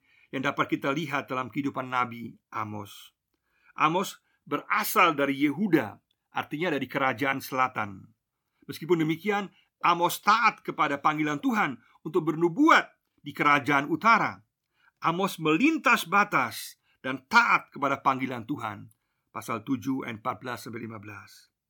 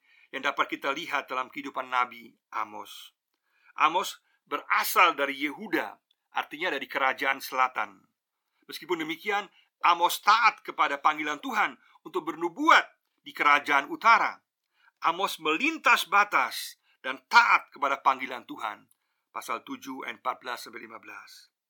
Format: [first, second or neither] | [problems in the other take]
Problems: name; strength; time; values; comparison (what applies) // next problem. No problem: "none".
first | thin; somewhat; fading below 500 Hz